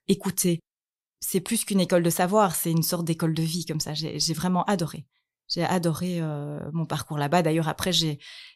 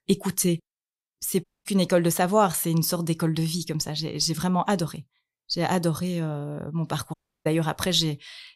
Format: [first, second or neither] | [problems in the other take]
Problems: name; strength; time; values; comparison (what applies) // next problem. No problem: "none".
first | audio cutting out; at 1.5 s and at 7 s